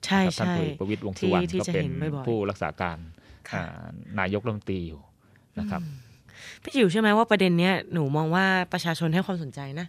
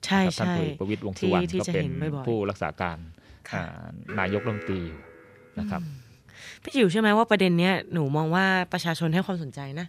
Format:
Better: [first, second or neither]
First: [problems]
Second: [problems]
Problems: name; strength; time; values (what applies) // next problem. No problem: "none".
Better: first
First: none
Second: alarm; faint; from 4 to 5.5 s; peak 10 dB below the speech